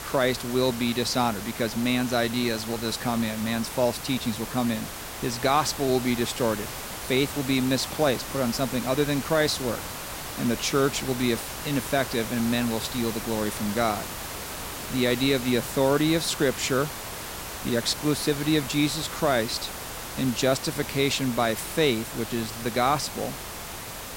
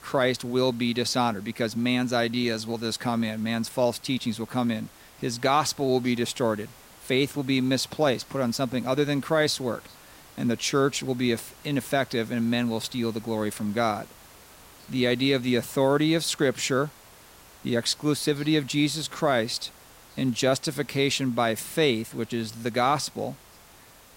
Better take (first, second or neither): second